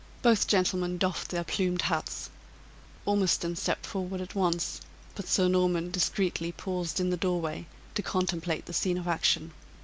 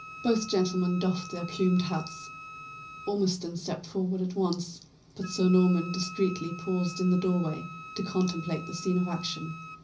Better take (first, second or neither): first